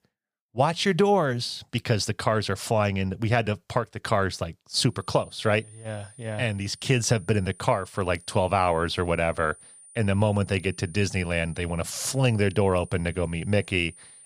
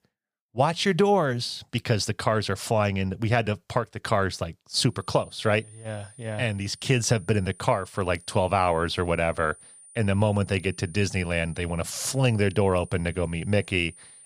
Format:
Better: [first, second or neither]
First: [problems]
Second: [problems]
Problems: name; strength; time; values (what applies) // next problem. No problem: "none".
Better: neither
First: high-pitched whine; faint; from 5 s on; 9.5 kHz, 20 dB below the speech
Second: high-pitched whine; faint; from 5 s on; 9.5 kHz, 20 dB below the speech